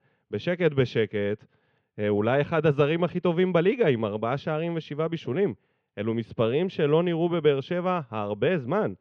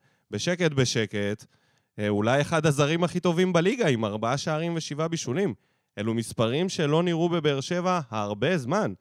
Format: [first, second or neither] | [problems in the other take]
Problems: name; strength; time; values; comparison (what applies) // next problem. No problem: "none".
second | muffled; very; fading above 3 kHz